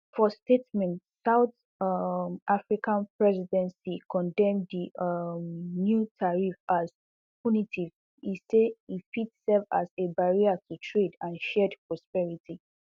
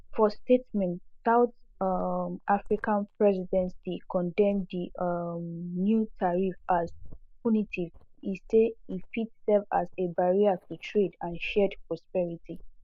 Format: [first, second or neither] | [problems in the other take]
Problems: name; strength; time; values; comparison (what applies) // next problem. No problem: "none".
first | noise reduction (neural mask model Resemble Enhance denoiser)